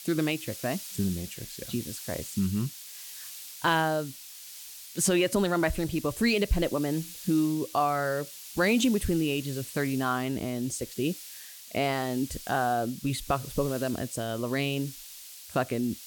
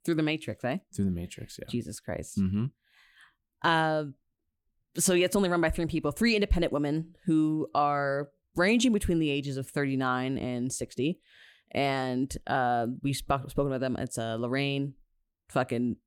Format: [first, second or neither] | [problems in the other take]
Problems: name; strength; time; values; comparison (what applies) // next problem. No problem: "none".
second | hiss; noticeable; throughout; 10 dB below the speech